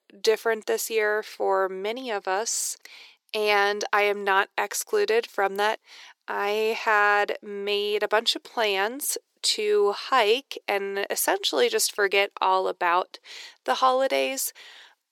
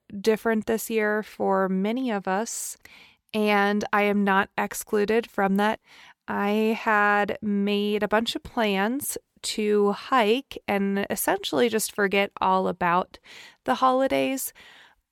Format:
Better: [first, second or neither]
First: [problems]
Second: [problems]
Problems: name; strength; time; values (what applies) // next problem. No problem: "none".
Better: second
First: thin; very; fading below 350 Hz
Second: none